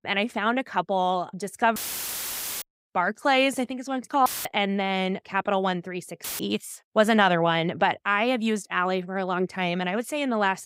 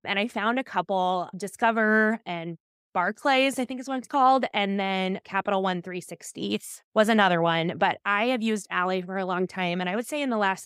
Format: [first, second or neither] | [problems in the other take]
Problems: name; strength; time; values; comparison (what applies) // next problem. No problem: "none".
second | audio cutting out; filled with static; at 2 s for 1 s, at 4.5 s and at 6 s